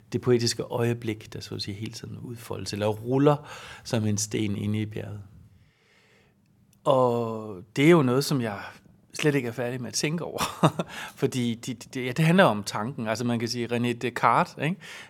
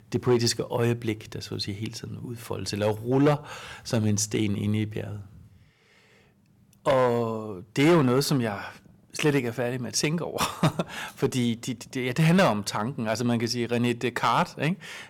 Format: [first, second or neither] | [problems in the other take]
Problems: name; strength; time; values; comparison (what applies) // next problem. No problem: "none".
first | distortion; slight; 3% of the sound clipped